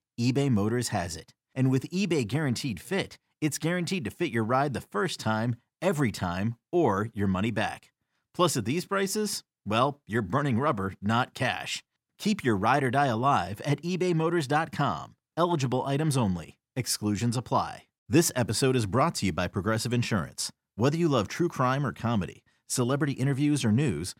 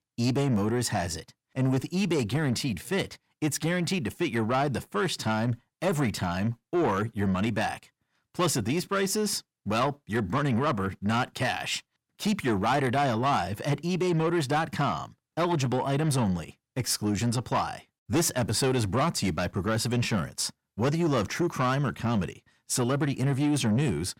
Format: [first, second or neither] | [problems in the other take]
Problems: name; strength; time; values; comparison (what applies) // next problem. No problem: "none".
first | distortion; slight; 10 dB below the speech